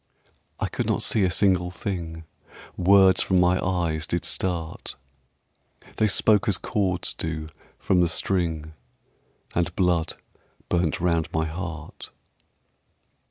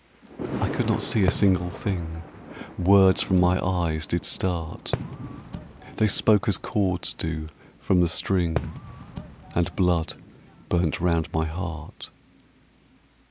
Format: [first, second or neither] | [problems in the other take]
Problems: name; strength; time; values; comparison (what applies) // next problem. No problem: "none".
first | background sound (Thunder + Fireworks); 12 dB below the speech